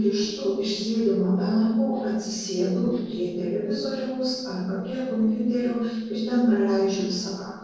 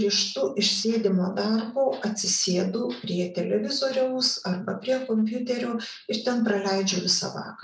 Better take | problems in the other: second | noise reduction (neural separator model SepFormer DNS4)

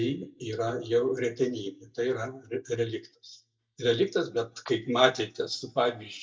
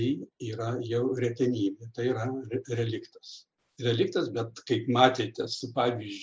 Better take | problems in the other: second | noise reduction (neural mask model DeepFilterNet 3)

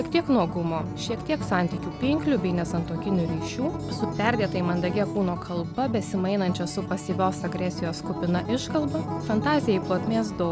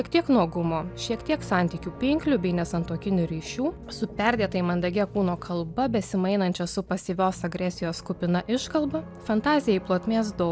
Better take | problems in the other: second | background sound (Acoustic guitar); 6 dB below the speech

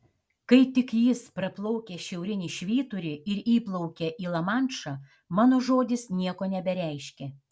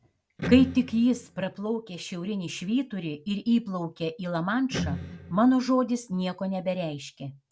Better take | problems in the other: first | background sound (Electric guitar); 9 dB below the speech

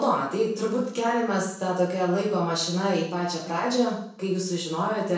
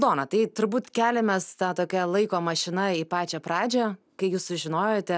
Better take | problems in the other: second | room echo; dies away in 0.6 s

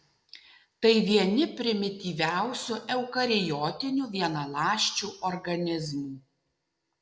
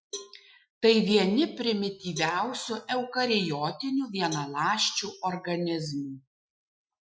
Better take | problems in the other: first | noise reduction (classical method Wiener filter)

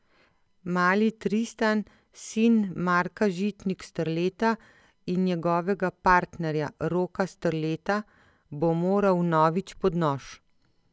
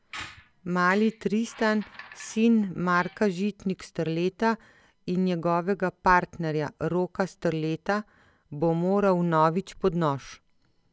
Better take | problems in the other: first | background sound (Squeak); 20 dB below the speech

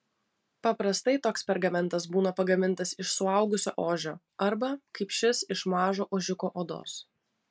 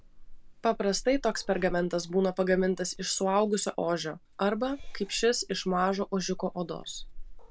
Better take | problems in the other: first | background sound (Meow / Purr); 14 dB below the speech

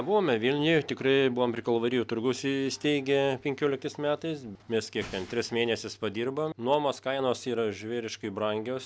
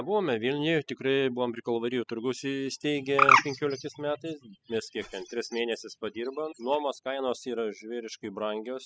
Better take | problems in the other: first | noise reduction (classical method spectral subtraction)

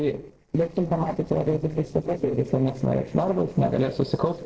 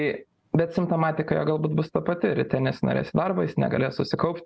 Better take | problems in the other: second | noise reduction (neural separator model SepFormer DNS4)

